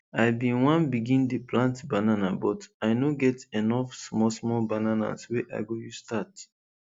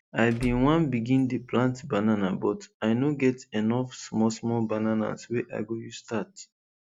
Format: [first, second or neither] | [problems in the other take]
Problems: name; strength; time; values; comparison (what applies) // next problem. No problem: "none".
first | background sound (Door / Car); 15 dB below the speech